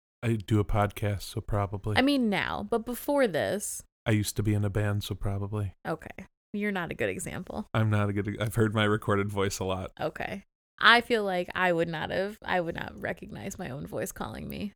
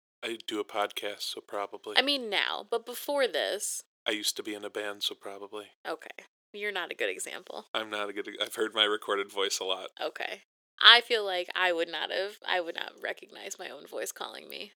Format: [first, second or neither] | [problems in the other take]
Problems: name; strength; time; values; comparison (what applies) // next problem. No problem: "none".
first | thin; very; fading below 350 Hz